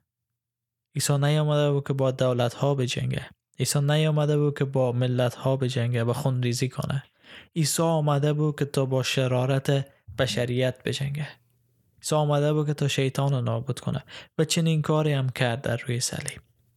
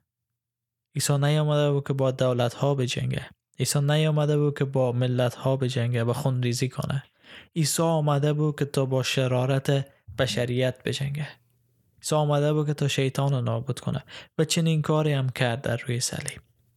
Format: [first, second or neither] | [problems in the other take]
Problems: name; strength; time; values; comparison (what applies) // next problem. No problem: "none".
neither | none